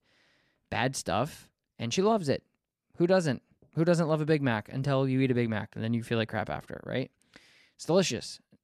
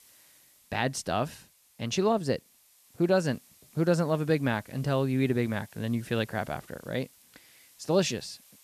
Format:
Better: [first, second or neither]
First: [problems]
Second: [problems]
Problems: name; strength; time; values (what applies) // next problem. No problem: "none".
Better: first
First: none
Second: hiss; faint; throughout; 25 dB below the speech